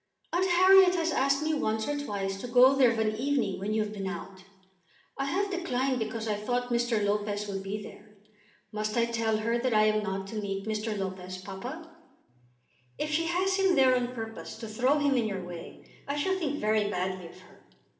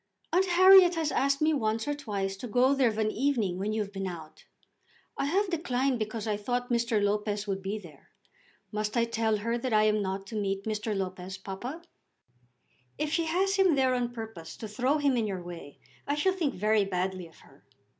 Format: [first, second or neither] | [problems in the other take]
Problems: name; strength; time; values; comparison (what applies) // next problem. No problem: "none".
second | room echo; dies away in 0.9 s